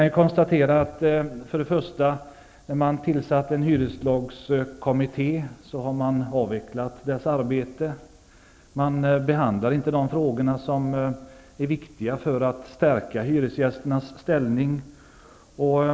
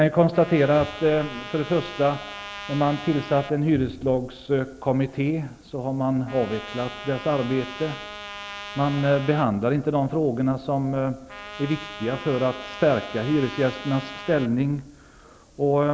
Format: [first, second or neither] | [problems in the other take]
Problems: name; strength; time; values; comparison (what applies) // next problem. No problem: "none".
first | background sound (Trumpet); 14 dB below the speech